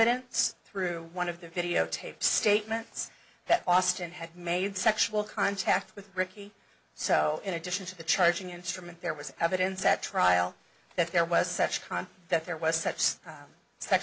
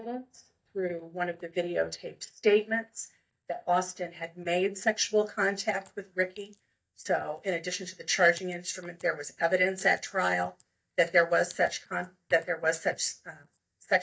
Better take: first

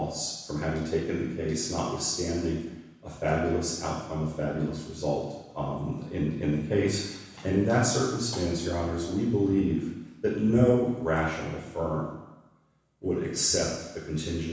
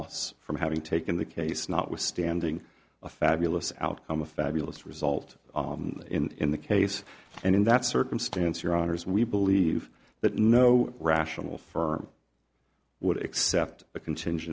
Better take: second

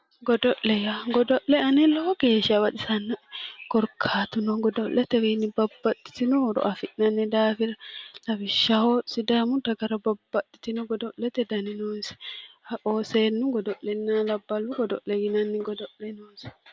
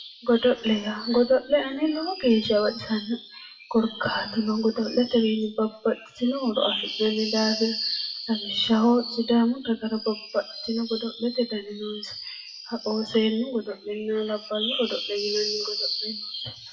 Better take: first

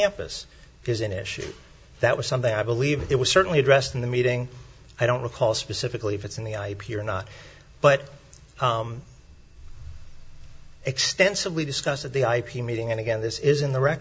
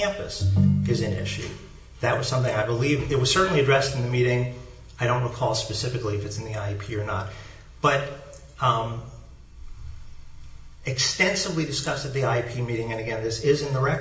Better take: first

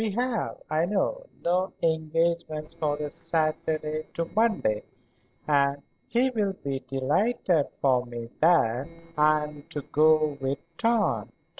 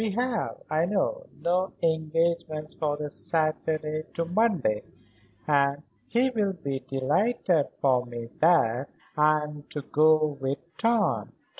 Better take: second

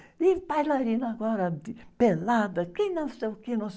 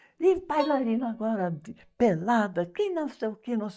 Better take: first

